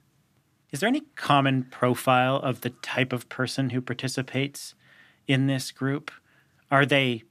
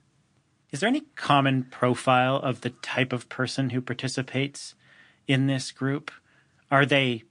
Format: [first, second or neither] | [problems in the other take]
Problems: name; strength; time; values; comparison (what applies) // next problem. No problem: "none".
first | garbled, watery; slightly